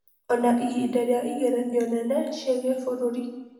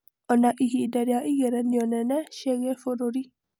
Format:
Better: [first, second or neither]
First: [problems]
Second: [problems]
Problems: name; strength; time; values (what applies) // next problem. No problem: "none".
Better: second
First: room echo; dies away in 1 s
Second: none